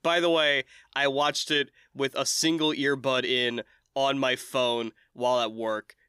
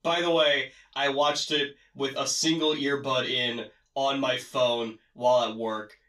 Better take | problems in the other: first | room echo; slight; dies away in 0.2 s // off-mic speech; far

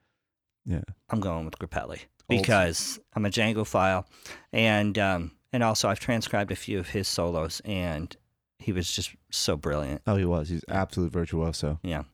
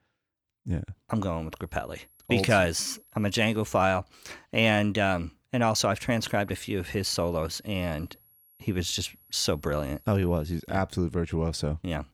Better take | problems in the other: first | high-pitched whine; faint; from 1.5 to 4 s and from 6 to 11 s; 11.5 kHz, 30 dB below the speech

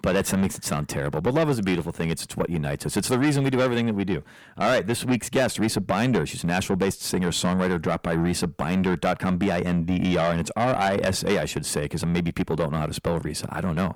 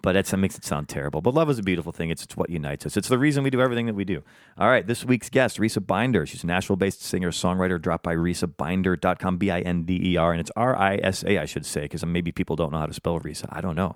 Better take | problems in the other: second | distortion; heavy; 8 dB below the speech

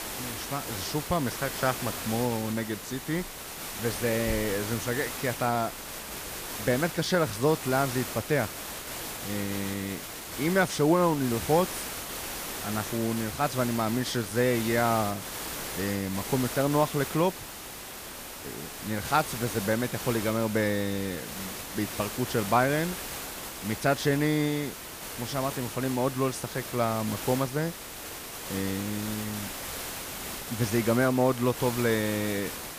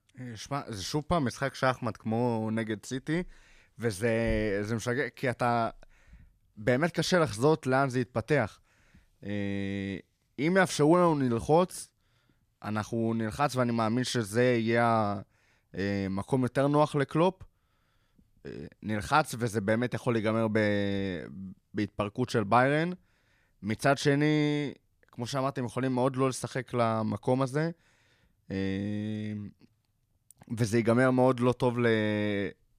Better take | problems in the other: second | hiss; loud; throughout; 7 dB below the speech

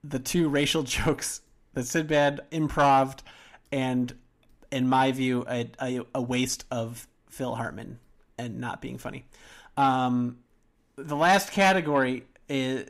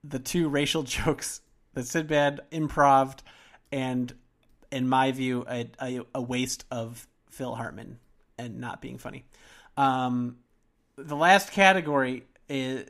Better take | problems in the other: second | distortion; slight; 10 dB below the speech

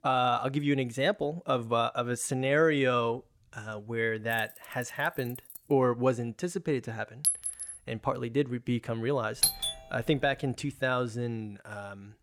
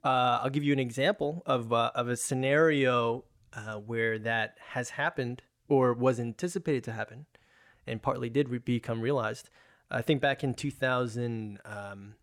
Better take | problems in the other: second | jangling keys; faint; from 4.5 to 5.5 s; peak 15 dB below the speech // clattering dishes; loud; at 7 s; peak 3 dB above the speech // doorbell; loud; at 9.5 s; peak 4 dB above the speech

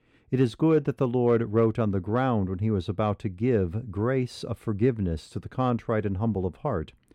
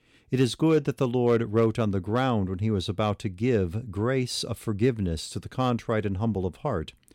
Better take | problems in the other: second | muffled; slightly; fading above 2.5 kHz

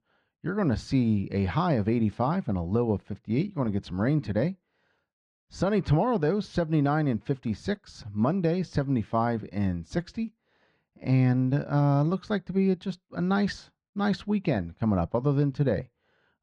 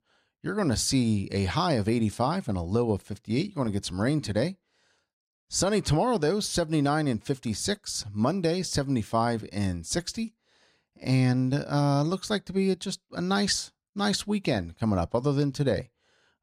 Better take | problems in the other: second | muffled; slightly; fading above 2.5 kHz

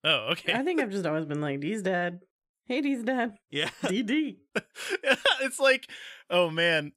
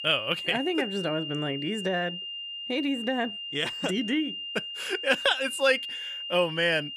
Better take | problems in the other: first | high-pitched whine; loud; throughout; 3 kHz, 6 dB below the speech

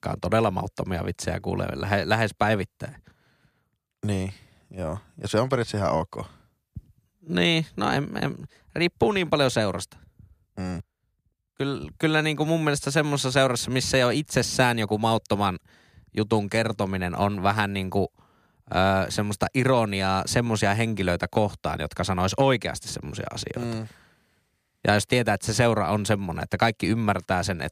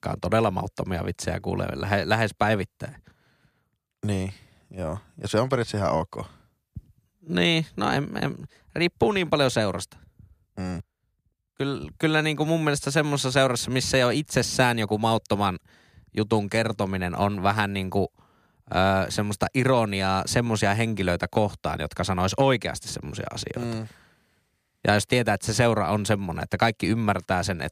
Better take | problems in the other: neither | none

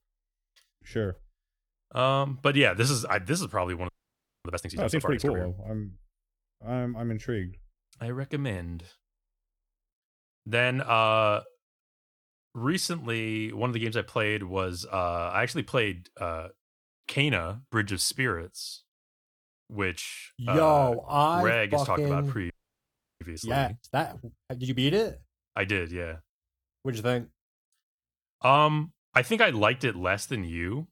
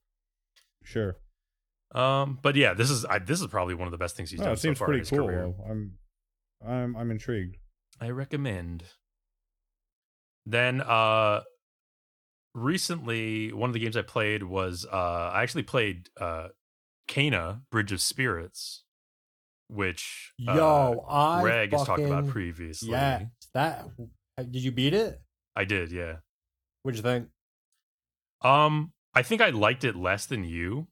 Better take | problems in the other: second | audio freezing; at 4 s for 0.5 s and at 23 s for 0.5 s

